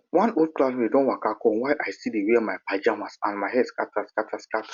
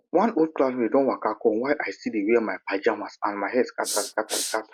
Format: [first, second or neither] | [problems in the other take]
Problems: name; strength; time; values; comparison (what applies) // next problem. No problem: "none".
first | noise reduction (neural mask model Resemble Enhance denoiser)